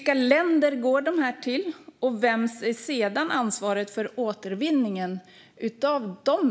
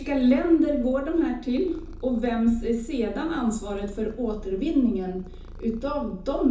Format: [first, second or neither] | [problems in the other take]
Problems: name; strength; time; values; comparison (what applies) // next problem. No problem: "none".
first | background sound (Purr); 14 dB below the speech // room echo; dies away in 0.6 s